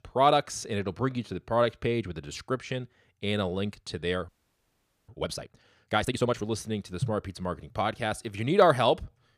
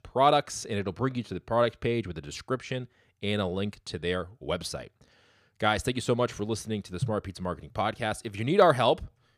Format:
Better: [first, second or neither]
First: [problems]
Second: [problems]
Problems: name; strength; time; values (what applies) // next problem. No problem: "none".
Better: second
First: audio freezing; at 4.5 s for 1 s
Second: none